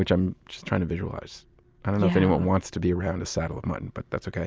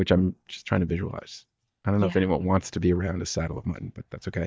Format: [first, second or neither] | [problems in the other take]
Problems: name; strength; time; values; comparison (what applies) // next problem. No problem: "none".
first | noise reduction (neural mask model DeepFilterNet 3)